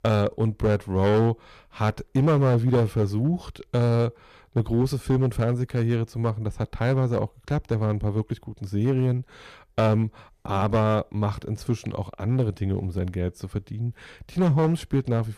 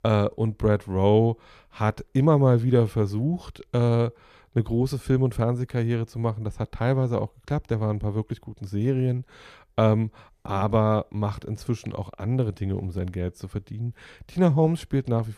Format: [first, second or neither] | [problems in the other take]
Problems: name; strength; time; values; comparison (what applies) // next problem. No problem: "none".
second | distortion; slight; 5% of the sound clipped